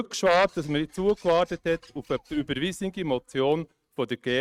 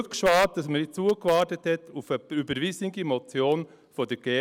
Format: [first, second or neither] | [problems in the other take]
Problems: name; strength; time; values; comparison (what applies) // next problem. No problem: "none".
second | noise reduction (neural mask model RNNoise)